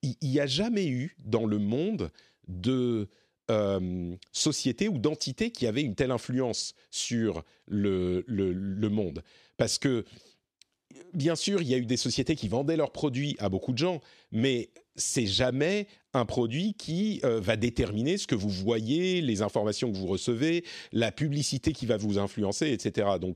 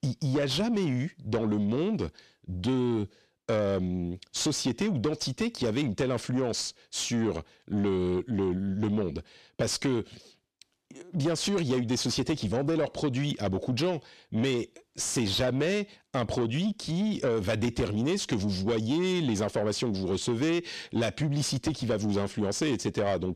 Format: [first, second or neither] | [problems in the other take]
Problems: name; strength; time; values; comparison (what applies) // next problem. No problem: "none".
first | distortion; slight; 10 dB below the speech